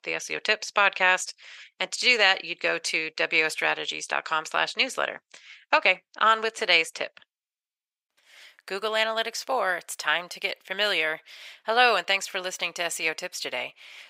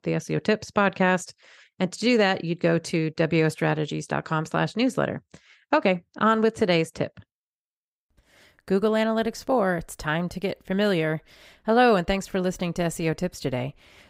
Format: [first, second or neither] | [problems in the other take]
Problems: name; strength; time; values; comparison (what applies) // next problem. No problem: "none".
second | thin; very; fading below 800 Hz